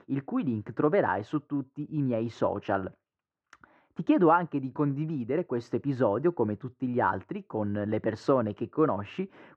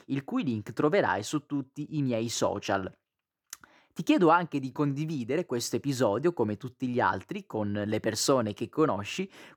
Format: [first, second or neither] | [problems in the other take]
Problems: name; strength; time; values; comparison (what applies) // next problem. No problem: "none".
second | muffled; very; fading above 1.5 kHz